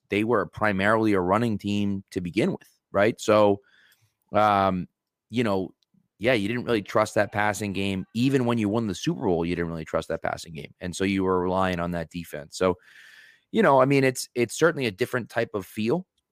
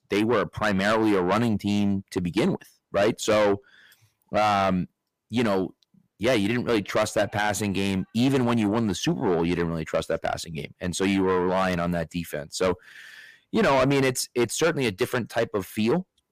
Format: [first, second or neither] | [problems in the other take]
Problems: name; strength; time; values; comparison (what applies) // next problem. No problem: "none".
first | distortion; heavy; 7 dB below the speech